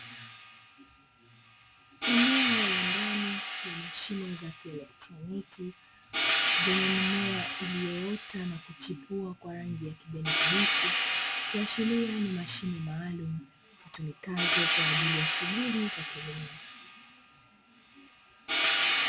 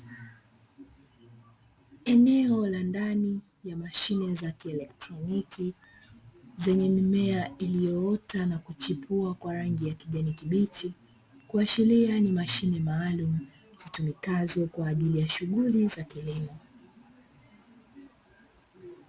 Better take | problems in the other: second | background sound (Hi-hat); 3 dB above the speech

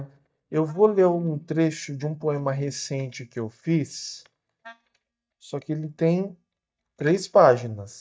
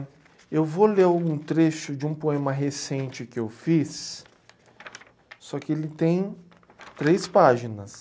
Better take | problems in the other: second | noise reduction (neural mask model DeepFilterNet 3)

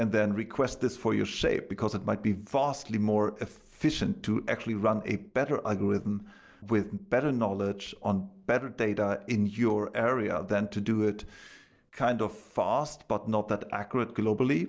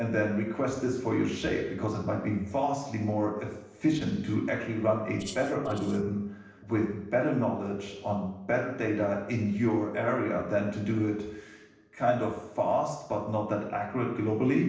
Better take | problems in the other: first | noise reduction (neural separator model SepFormer DNS4)

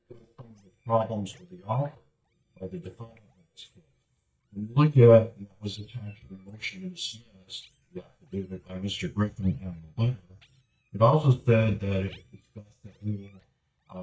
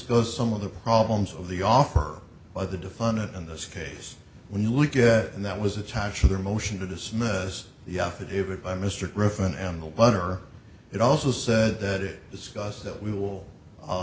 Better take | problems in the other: second | noise reduction (neural mask model DeepFilterNet 3)

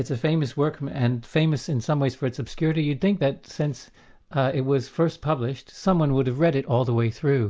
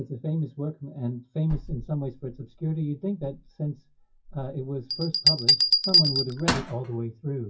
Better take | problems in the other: first | noise reduction (classical method WPE with log-MMSE)

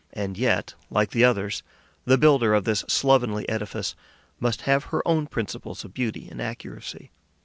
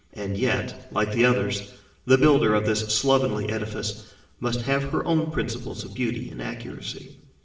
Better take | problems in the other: first | room echo; dies away in 0.8 s

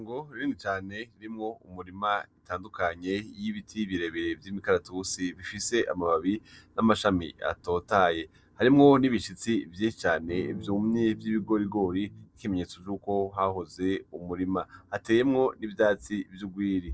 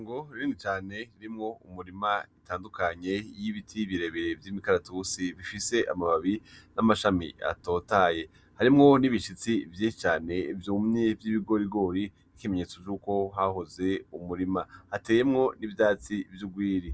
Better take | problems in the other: second | noise reduction (neural separator model SepFormer DNS4)

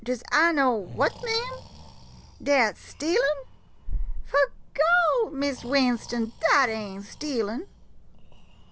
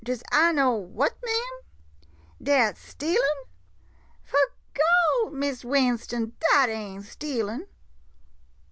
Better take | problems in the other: second | background sound (Breathing); 11 dB below the speech

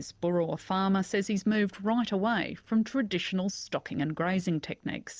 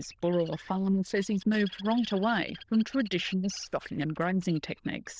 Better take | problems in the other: first | noise reduction (neural diffusion model UNIVERSE++)

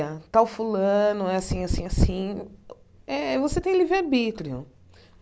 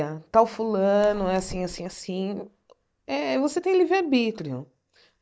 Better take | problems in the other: first | noise reduction (neural mask model DeepFilterNet 3)

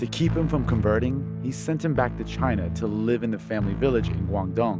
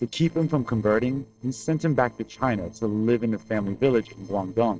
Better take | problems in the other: first | noise reduction (neural separator model SepFormer DNS4)

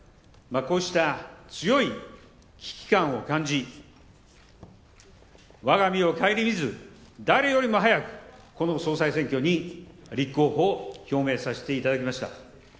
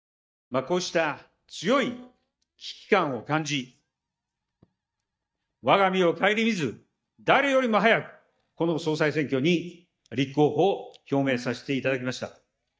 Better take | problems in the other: first | noise reduction (neural mask model DeepFilterNet 3)

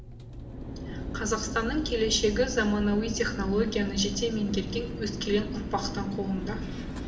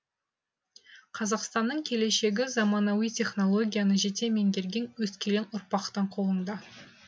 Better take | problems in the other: second | background sound (Mechanical fan); 5 dB below the speech // room echo; dies away in 1.2 s

